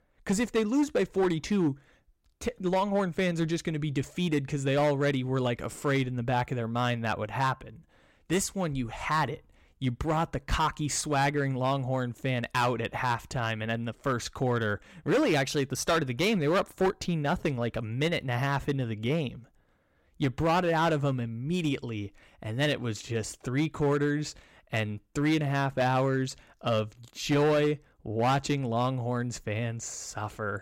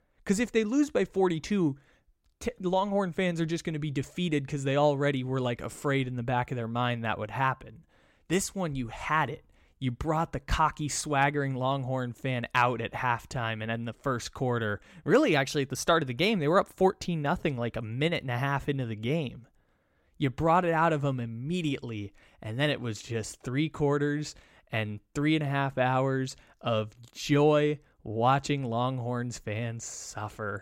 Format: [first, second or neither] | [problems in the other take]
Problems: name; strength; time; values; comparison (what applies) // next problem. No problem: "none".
second | distortion; slight; 5% of the sound clipped